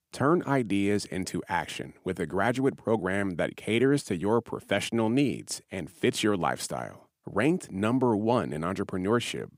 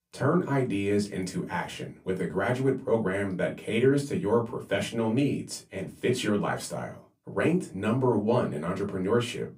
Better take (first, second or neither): first